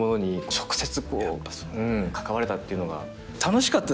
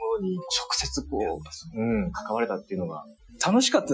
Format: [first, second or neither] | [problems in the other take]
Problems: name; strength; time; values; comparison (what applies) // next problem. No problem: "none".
first | noise reduction (classical method Wiener filter)